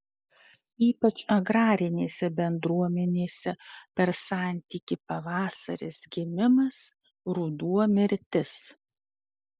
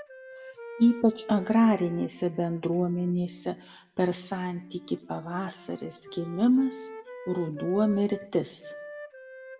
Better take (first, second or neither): first